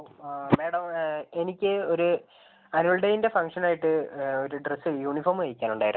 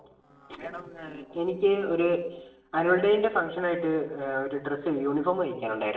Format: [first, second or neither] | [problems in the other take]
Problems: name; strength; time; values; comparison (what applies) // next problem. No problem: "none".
first | noise reduction (neural separator model SepFormer DNS4)